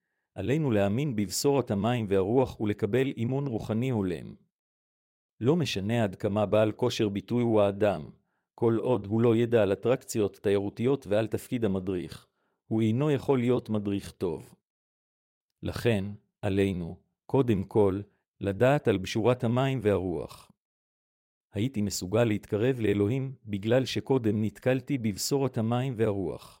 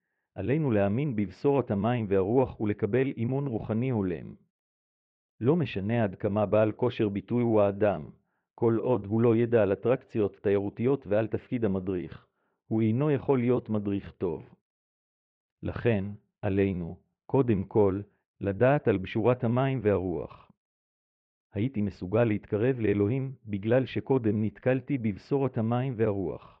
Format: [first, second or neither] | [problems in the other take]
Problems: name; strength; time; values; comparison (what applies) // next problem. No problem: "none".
first | muffled; very; fading above 2.5 kHz